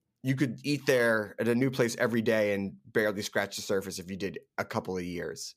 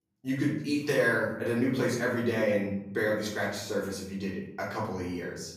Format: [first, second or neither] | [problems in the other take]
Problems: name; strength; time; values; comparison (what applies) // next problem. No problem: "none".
first | room echo; noticeable; dies away in 0.7 s // off-mic speech; far